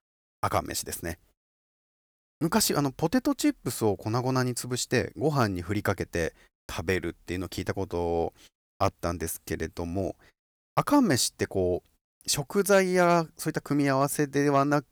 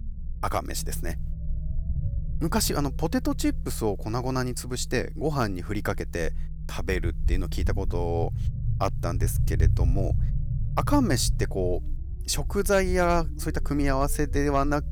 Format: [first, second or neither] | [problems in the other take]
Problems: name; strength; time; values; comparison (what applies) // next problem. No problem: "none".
first | low rumble; noticeable; throughout; 20 dB below the speech